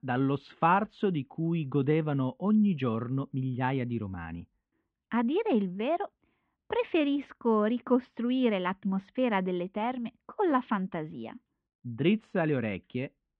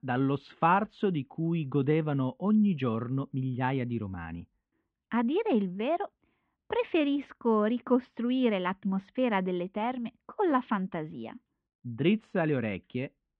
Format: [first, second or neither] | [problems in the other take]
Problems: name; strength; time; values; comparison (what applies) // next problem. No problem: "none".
neither | muffled; very; fading above 3.5 kHz; the same in both